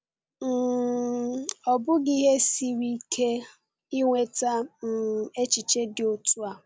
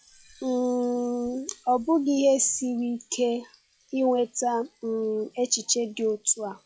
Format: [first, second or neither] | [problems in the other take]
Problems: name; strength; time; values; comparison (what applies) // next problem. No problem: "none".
first | noise reduction (classical method log-MMSE)